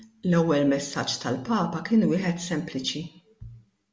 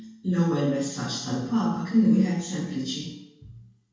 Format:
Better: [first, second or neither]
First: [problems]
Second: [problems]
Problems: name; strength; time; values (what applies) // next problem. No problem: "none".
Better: first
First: none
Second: room echo; dies away in 0.6 s